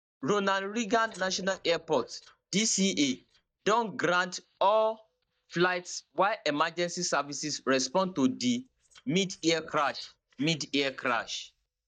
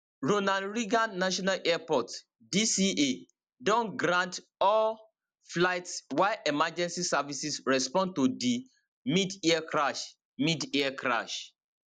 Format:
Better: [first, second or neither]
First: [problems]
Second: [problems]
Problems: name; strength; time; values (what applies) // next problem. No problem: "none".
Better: second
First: noise reduction (neural mask model DeepFilterNet 3)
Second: none